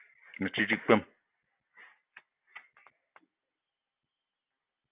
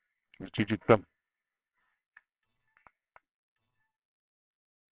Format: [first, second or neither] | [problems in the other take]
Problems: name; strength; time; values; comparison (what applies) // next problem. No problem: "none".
first | noise reduction (neural separator model SepFormer WHAMR!)